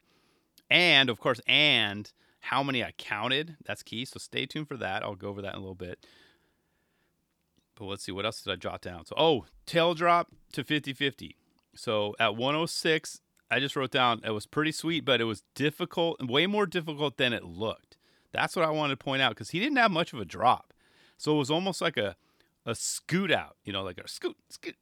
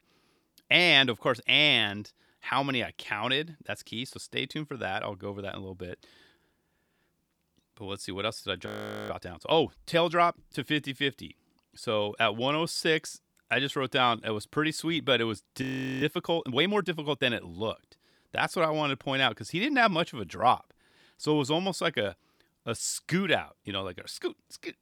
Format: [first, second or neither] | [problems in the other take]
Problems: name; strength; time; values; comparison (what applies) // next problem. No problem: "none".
first | audio freezing; at 8.5 s and at 16 s